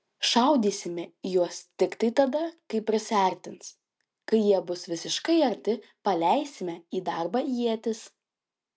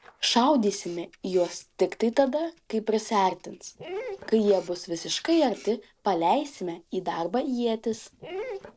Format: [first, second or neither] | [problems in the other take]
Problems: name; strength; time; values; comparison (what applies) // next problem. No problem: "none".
first | noise reduction (neural separator model SepFormer DNS4)